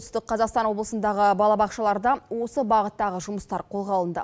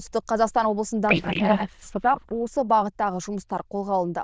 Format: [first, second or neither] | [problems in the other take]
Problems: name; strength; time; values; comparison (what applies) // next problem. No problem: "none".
first | noise reduction (neural diffusion model UNIVERSE++)